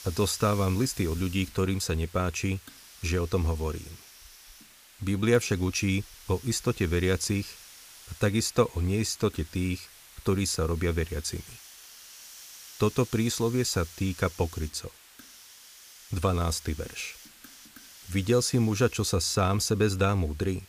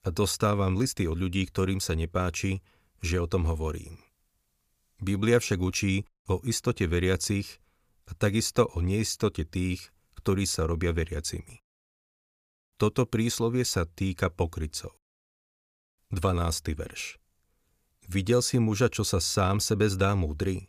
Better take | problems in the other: second | hiss; noticeable; throughout; 20 dB below the speech

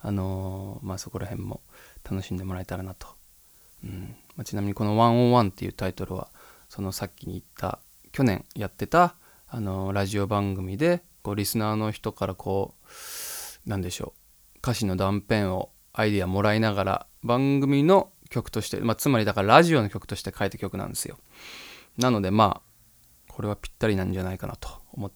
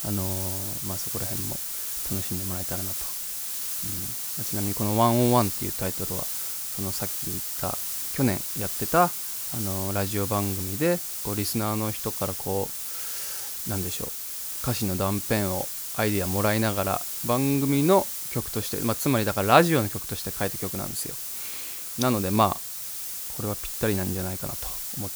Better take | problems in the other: first | hiss; loud; throughout; 2 dB below the speech; faint in the first

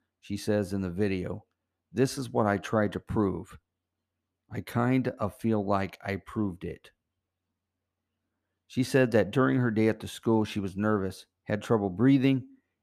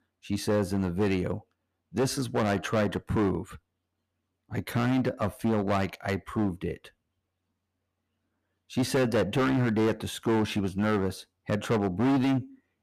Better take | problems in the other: first | distortion; heavy; 10% of the sound clipped

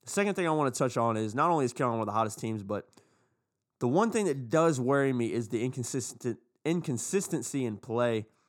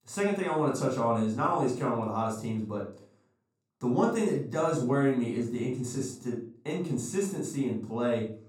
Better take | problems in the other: first | off-mic speech; far // room echo; noticeable; dies away in 0.4 s

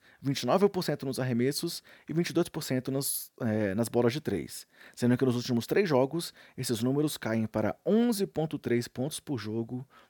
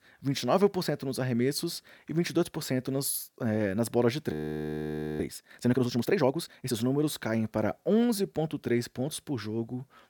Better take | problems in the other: first | audio freezing; at 4.5 s for 1 s

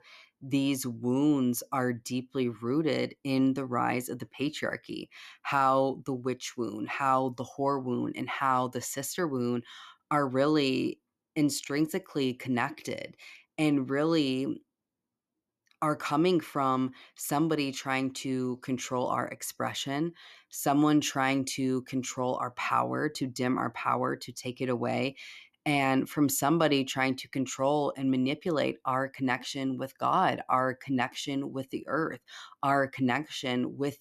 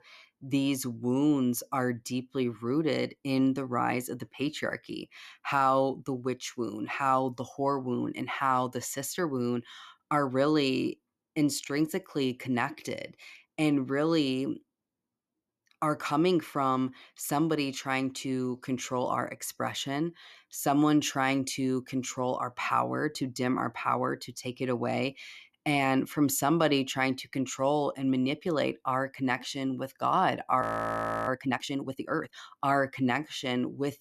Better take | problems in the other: first | audio freezing; at 31 s for 0.5 s

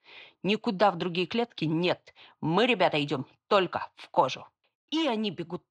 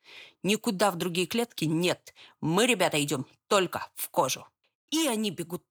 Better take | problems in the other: second | muffled; slightly; fading above 4.5 kHz

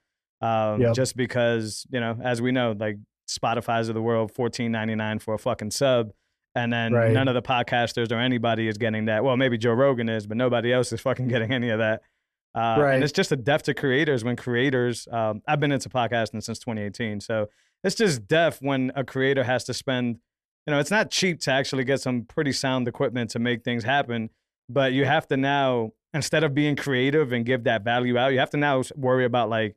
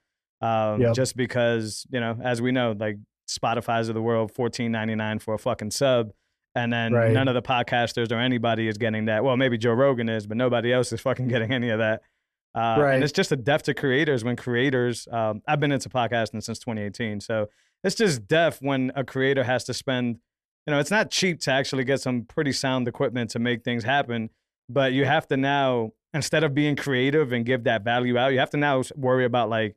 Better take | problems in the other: neither | none

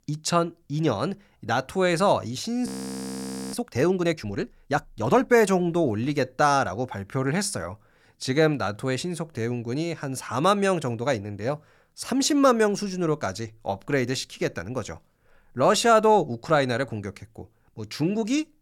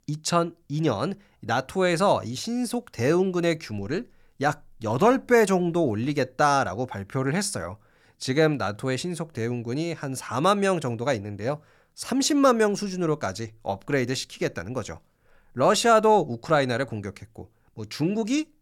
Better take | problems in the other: second | audio freezing; at 2.5 s for 1 s

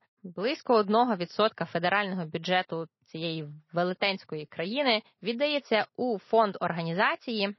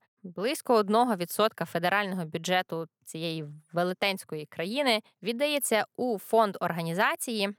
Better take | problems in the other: second | garbled, watery; slightly; nothing above 5 kHz

